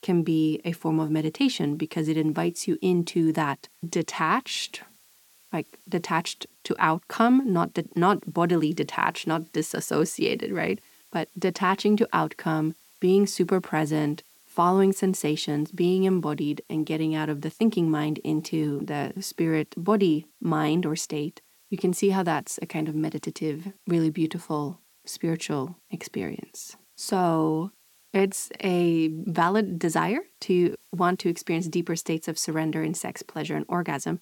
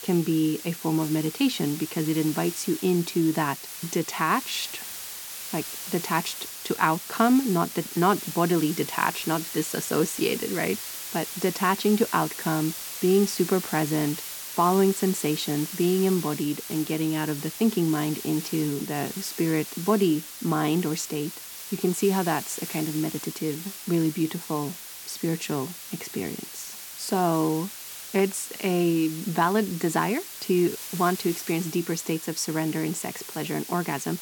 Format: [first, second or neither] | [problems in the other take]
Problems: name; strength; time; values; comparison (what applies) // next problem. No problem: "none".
first | hiss; loud; throughout; 9 dB below the speech; faint in the first